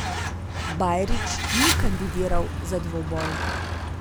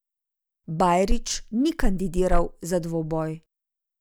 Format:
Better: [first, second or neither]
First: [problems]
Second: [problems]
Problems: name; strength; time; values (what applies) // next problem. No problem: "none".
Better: second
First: background sound (Truck); as loud as the speech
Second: none